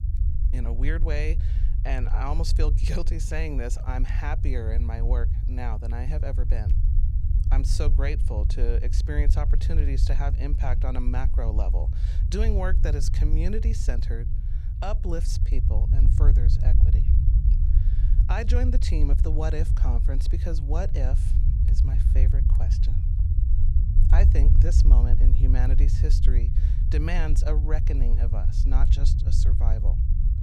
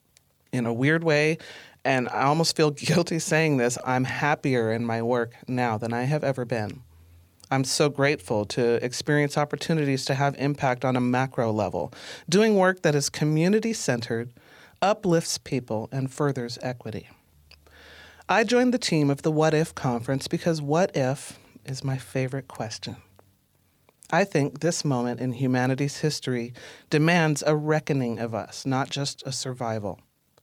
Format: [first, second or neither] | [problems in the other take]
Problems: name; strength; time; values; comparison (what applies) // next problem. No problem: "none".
second | low rumble; loud; throughout; 6 dB below the speech